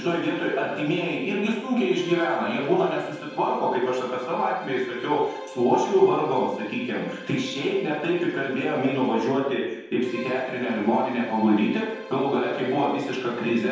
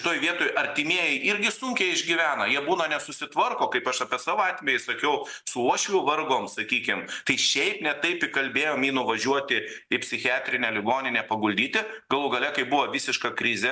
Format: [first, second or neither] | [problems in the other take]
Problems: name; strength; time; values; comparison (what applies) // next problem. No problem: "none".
second | background sound (Bowed string instrument); 17 dB below the speech // room echo; dies away in 0.9 s